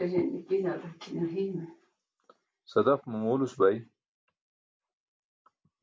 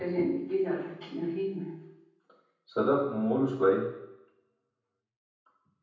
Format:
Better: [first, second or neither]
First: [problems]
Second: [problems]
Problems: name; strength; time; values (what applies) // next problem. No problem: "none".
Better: first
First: none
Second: room echo; dies away in 0.8 s